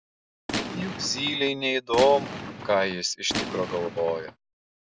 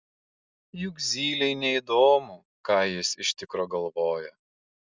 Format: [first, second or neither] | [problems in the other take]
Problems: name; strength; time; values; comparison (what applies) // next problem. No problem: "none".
second | background sound (Gunshot, gunfire); 7 dB below the speech